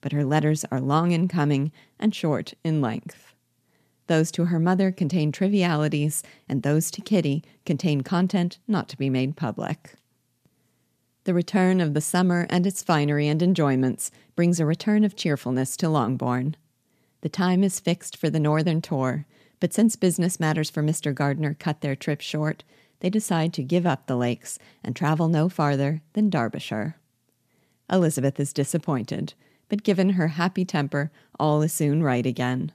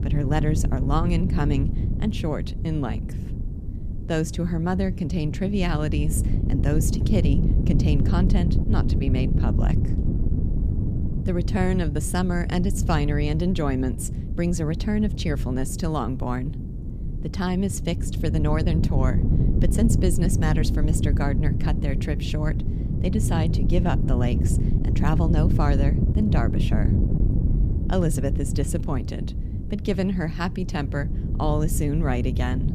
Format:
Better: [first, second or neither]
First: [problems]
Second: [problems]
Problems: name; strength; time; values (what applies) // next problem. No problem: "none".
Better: first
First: none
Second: wind noise on the microphone; heavy; 6 dB below the speech